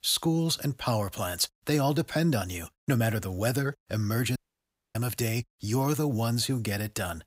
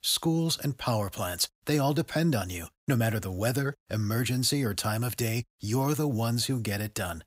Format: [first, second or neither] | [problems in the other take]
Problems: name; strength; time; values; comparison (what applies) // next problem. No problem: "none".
second | audio cutting out; at 4.5 s for 0.5 s